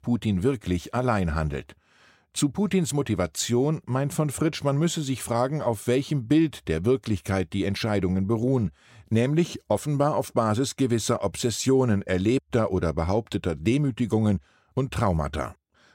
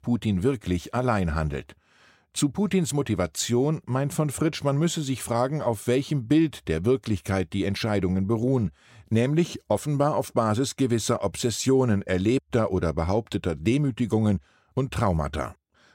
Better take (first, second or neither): neither